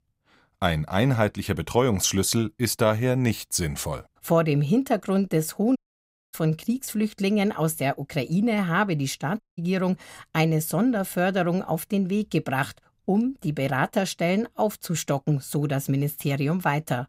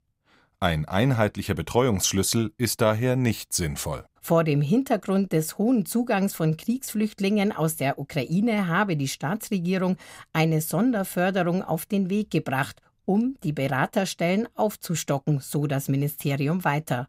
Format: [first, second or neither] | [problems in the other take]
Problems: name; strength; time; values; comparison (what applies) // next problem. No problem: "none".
second | audio cutting out; at 6 s for 0.5 s and at 9.5 s